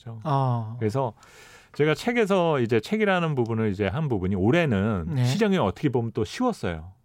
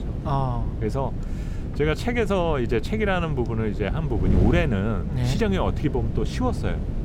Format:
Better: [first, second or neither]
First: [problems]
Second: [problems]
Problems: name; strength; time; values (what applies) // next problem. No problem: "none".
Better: first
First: none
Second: wind noise on the microphone; occasional gusts; 10 dB below the speech